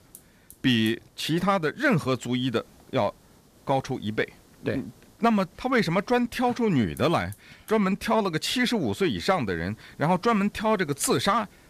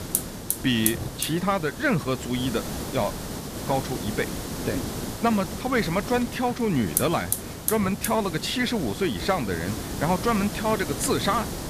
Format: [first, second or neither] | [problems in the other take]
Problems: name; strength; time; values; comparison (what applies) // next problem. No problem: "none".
first | hiss; loud; throughout; 5 dB below the speech; faint in the first